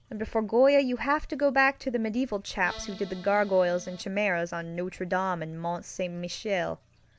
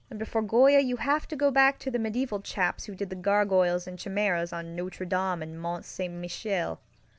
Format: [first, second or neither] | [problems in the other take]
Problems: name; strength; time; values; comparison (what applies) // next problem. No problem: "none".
second | background sound (Accordion); 18 dB below the speech